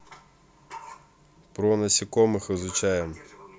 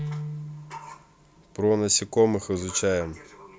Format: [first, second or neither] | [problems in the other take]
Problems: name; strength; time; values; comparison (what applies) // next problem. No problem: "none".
first | background sound (Guitar); 13 dB below the speech